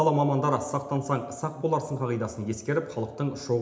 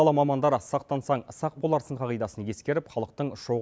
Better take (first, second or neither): second